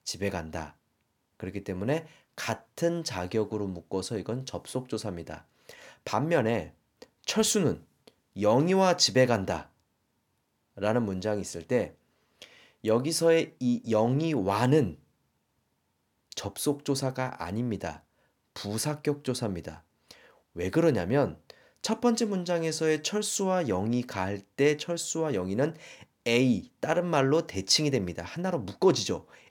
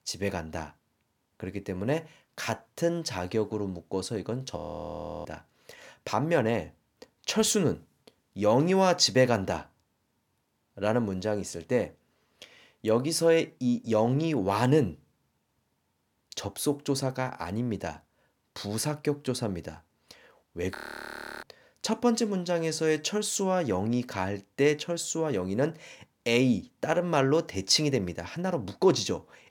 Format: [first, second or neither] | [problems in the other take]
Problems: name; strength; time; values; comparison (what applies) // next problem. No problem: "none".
first | audio freezing; at 4.5 s for 0.5 s and at 21 s for 0.5 s